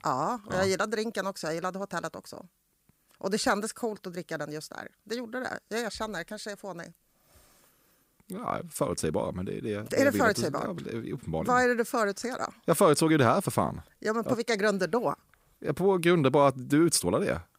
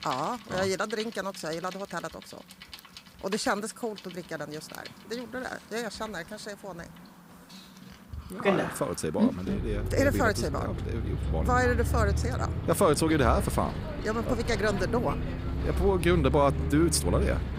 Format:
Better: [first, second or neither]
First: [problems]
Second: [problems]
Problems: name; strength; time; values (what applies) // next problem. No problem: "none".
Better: first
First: none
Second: traffic noise; loud; throughout; 3 dB below the speech